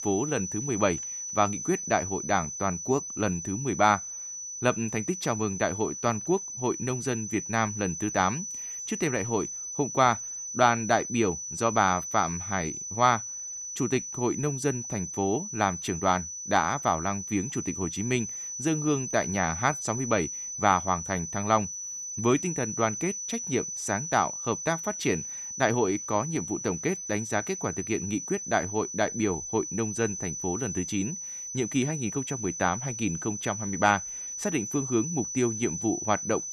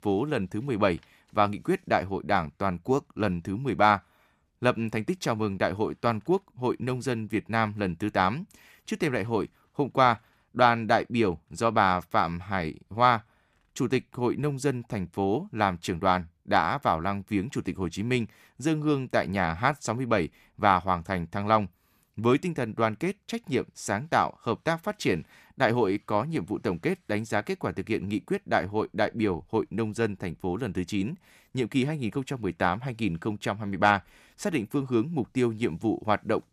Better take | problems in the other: second | high-pitched whine; loud; throughout; 6 kHz, 5 dB below the speech

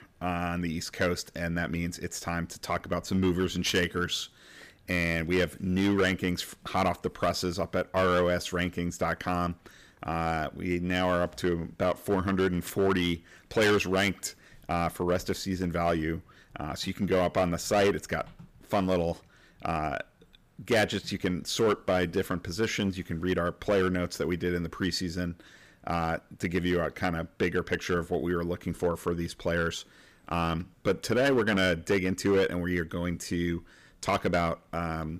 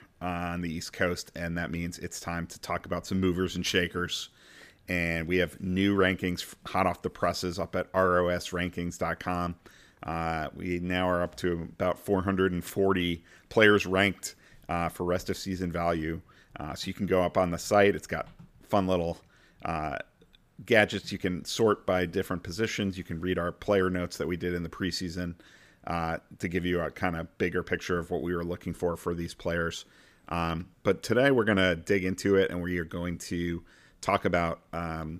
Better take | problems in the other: second | distortion; slight; 4% of the sound clipped

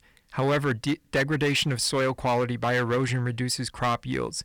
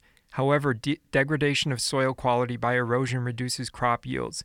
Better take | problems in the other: second | distortion; slight; 8% of the sound clipped

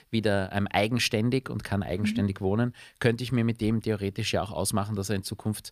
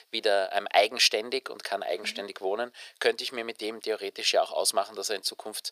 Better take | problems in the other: first | thin; very; fading below 450 Hz

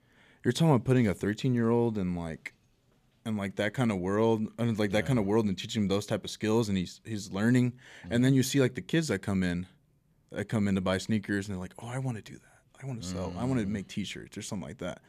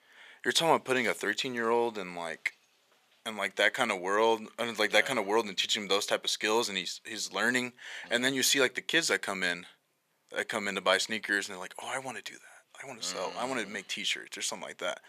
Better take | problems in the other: first | thin; very; fading below 650 Hz

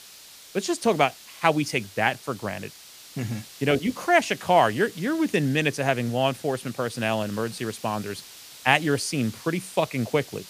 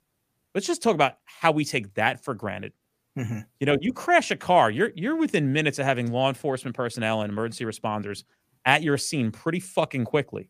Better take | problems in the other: second | hiss; noticeable; throughout; 20 dB below the speech

